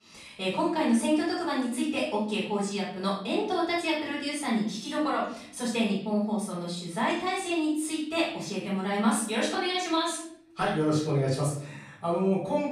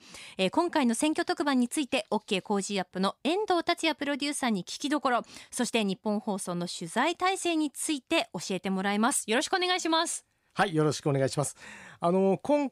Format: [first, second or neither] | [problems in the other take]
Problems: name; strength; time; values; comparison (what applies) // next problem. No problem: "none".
second | off-mic speech; far // room echo; noticeable; dies away in 0.6 s